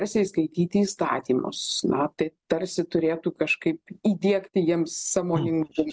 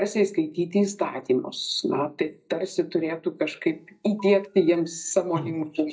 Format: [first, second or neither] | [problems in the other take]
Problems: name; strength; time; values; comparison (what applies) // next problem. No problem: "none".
first | noise reduction (neural mask model DeepFilterNet 3)